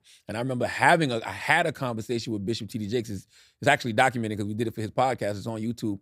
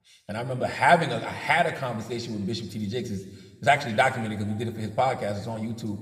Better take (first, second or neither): first